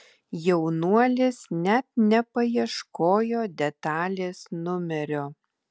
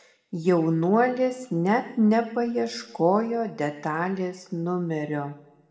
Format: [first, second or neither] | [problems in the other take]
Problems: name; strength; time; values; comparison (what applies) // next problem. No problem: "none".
first | room echo; dies away in 0.8 s